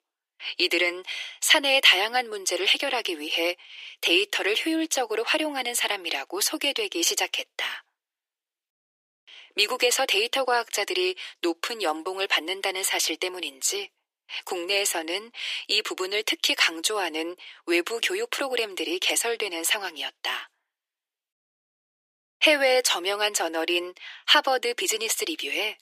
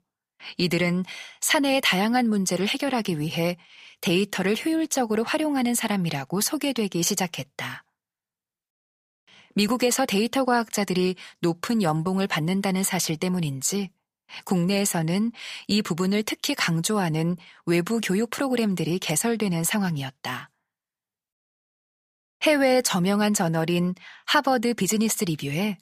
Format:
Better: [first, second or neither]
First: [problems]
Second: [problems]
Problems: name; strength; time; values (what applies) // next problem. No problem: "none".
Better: second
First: thin; very; fading below 300 Hz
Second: none